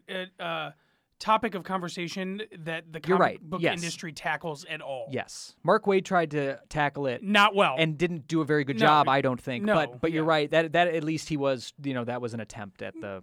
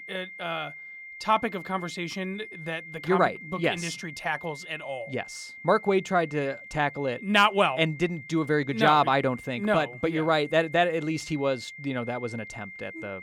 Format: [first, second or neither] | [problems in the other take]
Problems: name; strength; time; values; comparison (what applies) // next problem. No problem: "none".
first | high-pitched whine; noticeable; throughout; 2 kHz, 15 dB below the speech